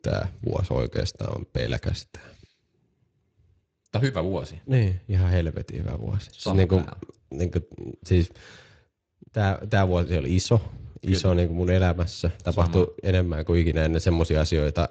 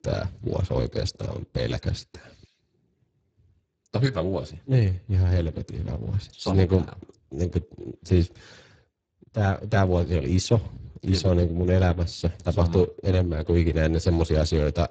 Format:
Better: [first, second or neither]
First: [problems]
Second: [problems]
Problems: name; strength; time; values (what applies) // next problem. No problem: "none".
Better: first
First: garbled, watery; slightly; nothing above 7.5 kHz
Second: garbled, watery; badly; nothing above 7.5 kHz